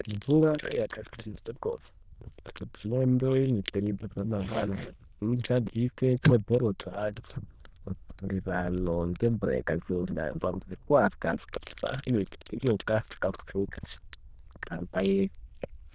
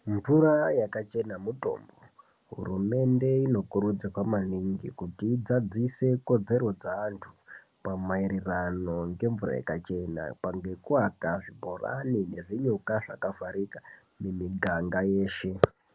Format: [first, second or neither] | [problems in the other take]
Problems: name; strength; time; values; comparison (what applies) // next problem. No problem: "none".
second | noise reduction (neural diffusion model UNIVERSE++)